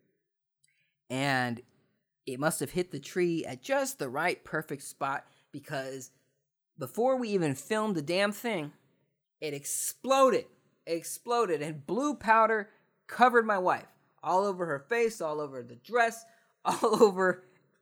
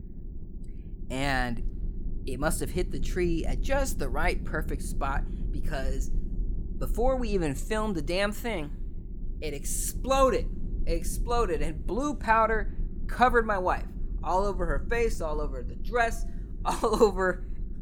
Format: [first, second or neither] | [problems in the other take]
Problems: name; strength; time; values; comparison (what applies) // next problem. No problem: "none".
first | low rumble; faint; throughout; 25 dB below the speech